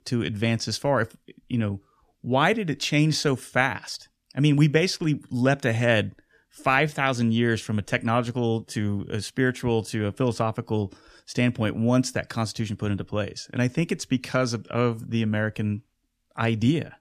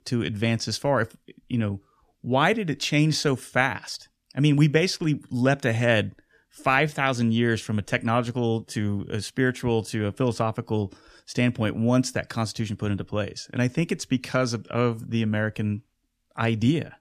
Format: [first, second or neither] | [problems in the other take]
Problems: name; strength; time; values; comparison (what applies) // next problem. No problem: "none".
neither | none